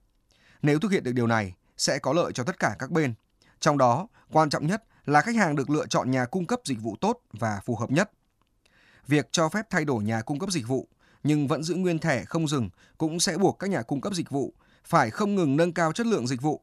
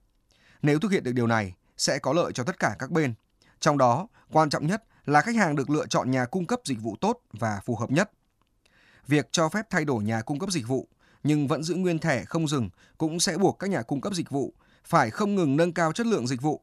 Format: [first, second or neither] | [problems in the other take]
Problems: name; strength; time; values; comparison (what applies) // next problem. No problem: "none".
neither | none